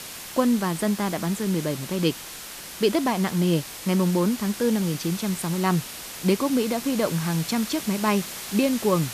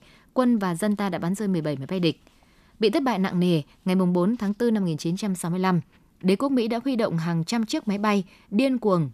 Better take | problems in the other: second | hiss; loud; throughout; 10 dB below the speech

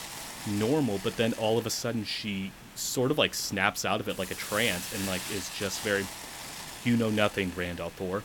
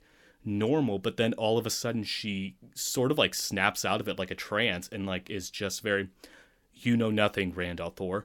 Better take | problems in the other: second | hiss; loud; throughout; 10 dB below the speech

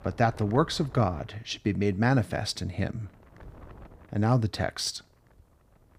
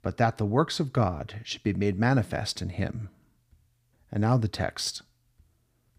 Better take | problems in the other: second | wind noise on the microphone; occasional gusts; 20 dB below the speech

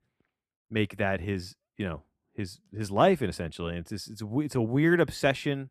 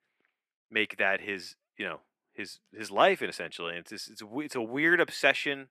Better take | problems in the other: first | thin; somewhat; fading below 350 Hz

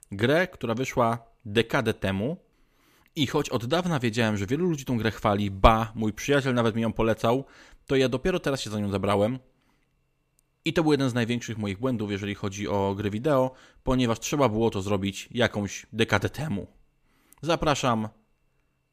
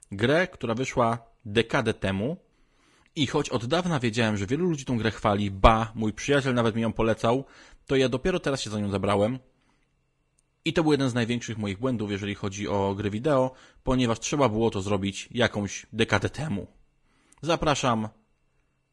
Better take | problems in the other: first | garbled, watery; slightly

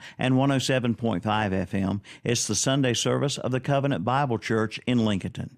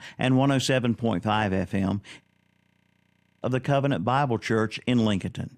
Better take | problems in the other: first | audio freezing; at 2 s for 1 s

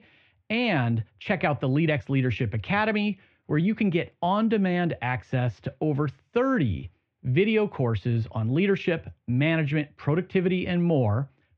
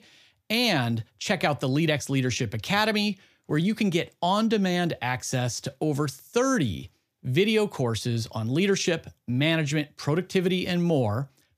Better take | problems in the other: second | muffled; very; fading above 2.5 kHz

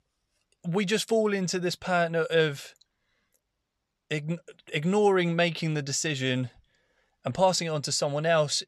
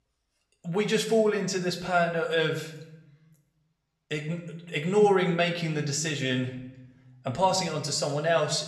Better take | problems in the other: first | room echo; slight; dies away in 0.7 s // off-mic speech; somewhat distant

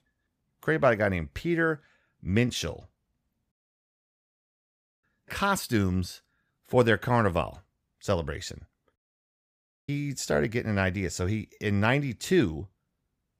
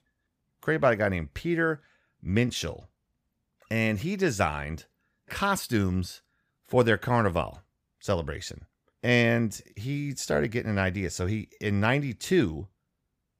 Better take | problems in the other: second | audio cutting out; at 3.5 s for 1.5 s and at 9 s for 1 s

